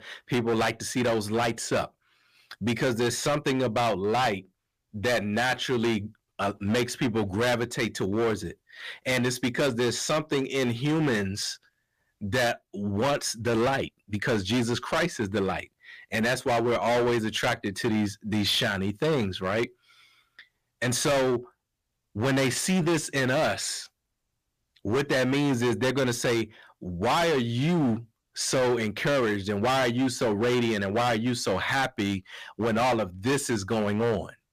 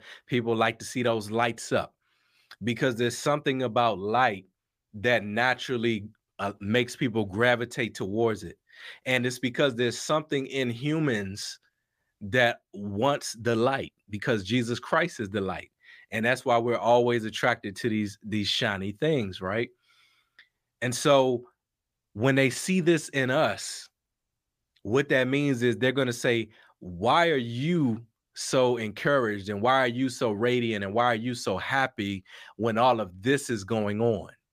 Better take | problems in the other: second | distortion; heavy; 16% of the sound clipped

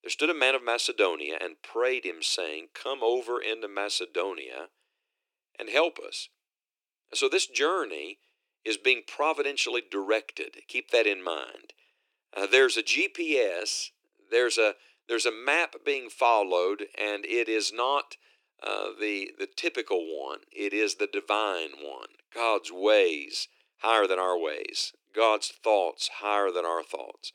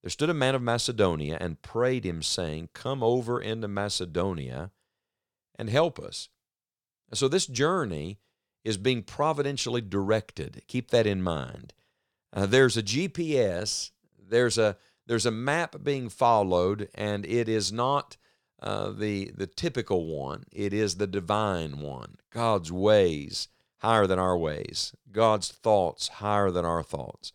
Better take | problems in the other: second | thin; very; fading below 300 Hz

